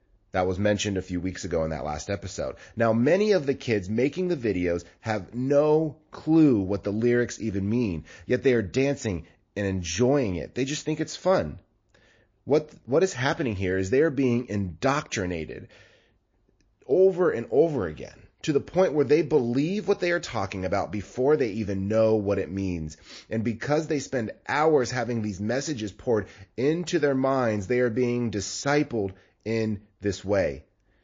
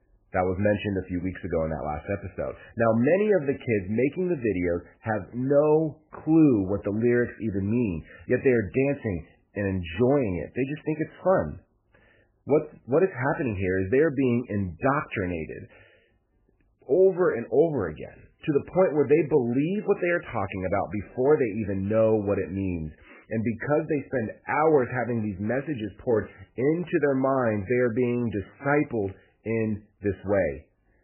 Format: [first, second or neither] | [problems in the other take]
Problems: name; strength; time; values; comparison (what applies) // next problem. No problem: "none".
first | garbled, watery; badly; nothing above 3 kHz; slightly in the first